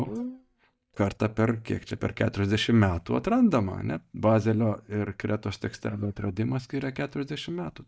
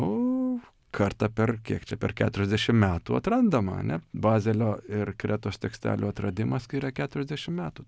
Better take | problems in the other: second | noise reduction (neural mask model DeepFilterNet 3)

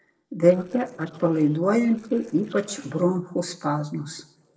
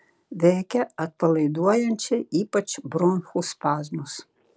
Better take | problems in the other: second | noise reduction (neural separator model SepFormer DNS4)

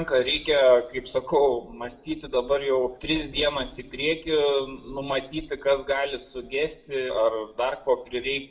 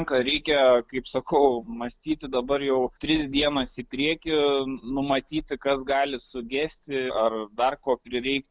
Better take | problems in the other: second | room echo; dies away in 0.5 s

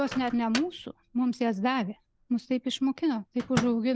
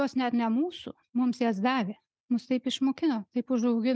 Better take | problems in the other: second | background sound (Microwave oven); 12 dB below the speech

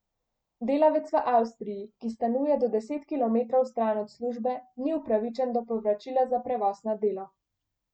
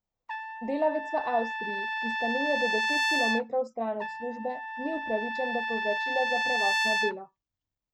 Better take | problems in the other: first | background sound (Trumpet); 2 dB above the speech

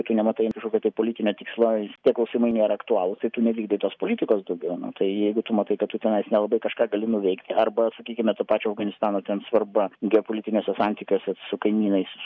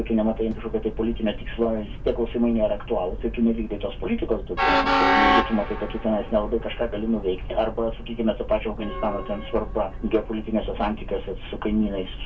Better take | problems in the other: first | background sound (Train); 3 dB below the speech // room echo; dies away in 0.2 s

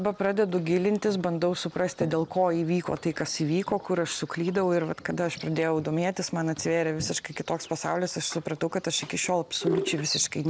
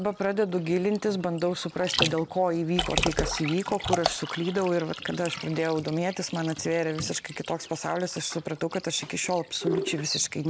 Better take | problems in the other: first | background sound (Liquid); 8 dB below the speech

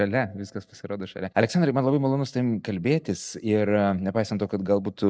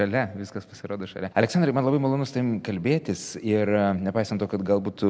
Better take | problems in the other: second | noise reduction (neural mask model DeepFilterNet 3)

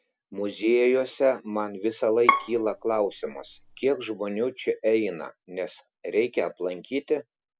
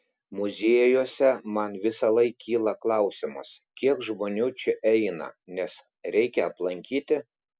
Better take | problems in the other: second | background sound (Bowed string instrument); 3 dB below the speech

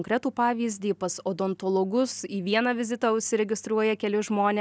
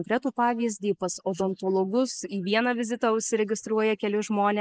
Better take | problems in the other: first | noise reduction (neural mask model Resemble Enhance denoiser)

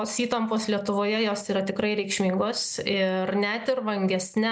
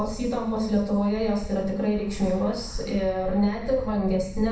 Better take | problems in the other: first | background sound (Traffic noise, roadway noise / Bus); 11 dB below the speech // room echo; dies away in 0.7 s

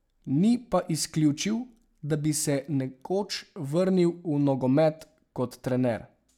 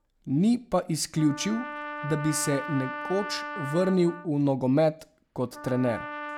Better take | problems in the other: first | background sound (Trumpet); 11 dB below the speech

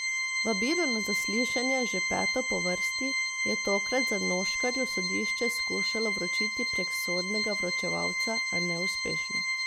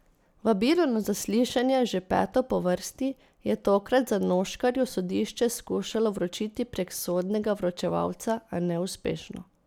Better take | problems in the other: second | background sound (Organ); 3 dB above the speech

